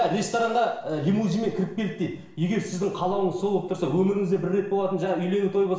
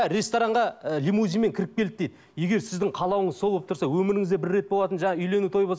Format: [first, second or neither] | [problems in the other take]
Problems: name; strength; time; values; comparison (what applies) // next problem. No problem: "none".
second | room echo; dies away in 0.7 s